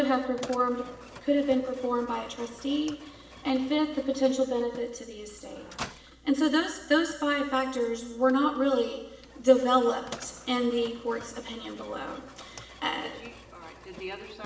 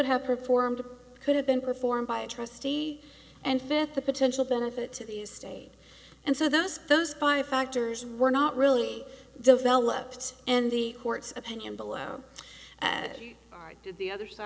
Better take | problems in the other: second | background sound (Mechanisms); 19 dB below the speech // room echo; dies away in 0.8 s

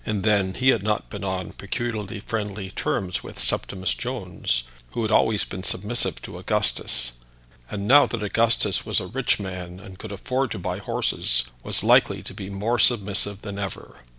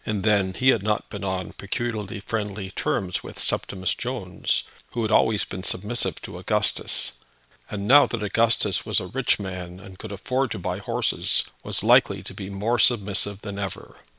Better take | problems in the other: first | noise reduction (neural separator model SepFormer WHAM!)

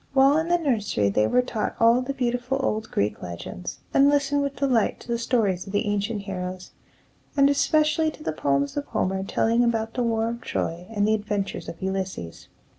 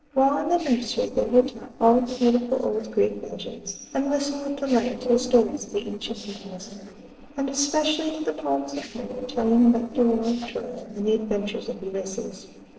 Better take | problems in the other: first | noise reduction (neural separator model SepFormer DNS4)

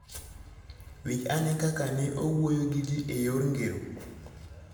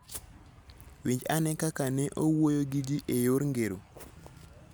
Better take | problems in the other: second | room echo; dies away in 1.1 s

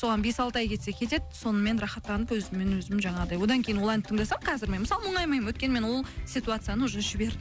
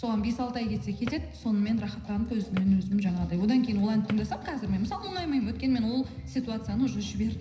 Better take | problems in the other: first | background sound (Drawer open or close); 19 dB below the speech // room echo; dies away in 0.9 s

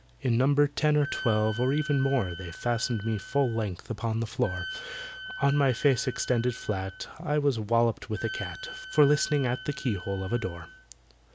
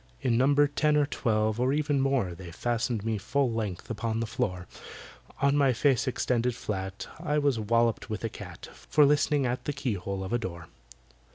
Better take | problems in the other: second | background sound (Wind instrument, woodwind instrument); 14 dB below the speech

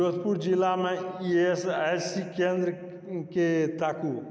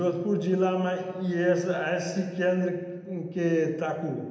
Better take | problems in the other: first | room echo; dies away in 0.8 s

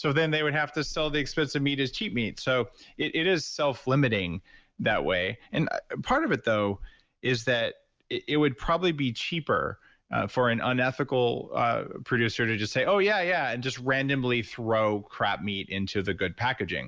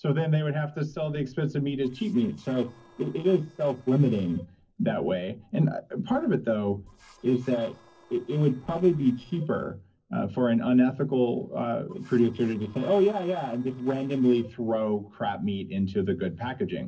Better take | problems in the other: first | noise reduction (neural separator model SepFormer DNS4)

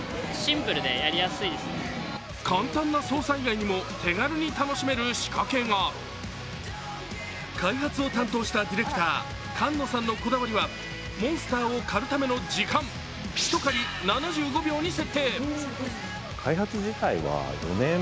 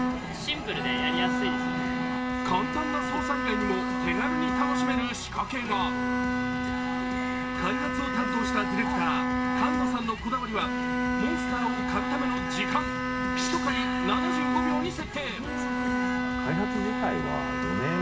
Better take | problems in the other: first | background sound (Bowed string instrument); 2 dB above the speech // room echo; dies away in 0.2 s

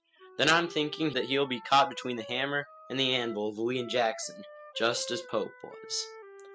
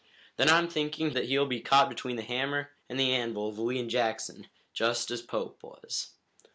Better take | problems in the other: second | noise reduction (classical method spectral subtraction)

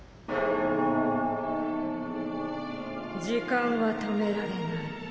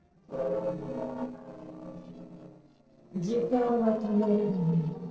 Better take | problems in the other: first | noise reduction (neural separator model SepFormer DNS4)

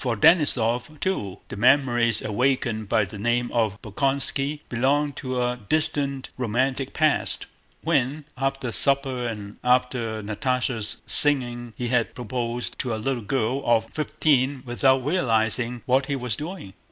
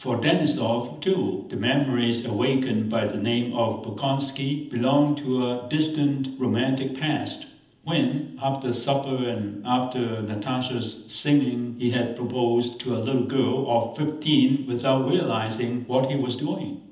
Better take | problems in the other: first | room echo; dies away in 0.8 s

